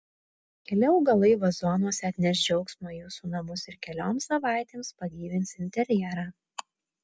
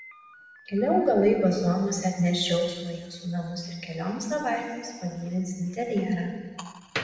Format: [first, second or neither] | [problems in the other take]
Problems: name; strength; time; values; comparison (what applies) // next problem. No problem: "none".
first | background sound (Slam); 19 dB below the speech // room echo; dies away in 1.6 s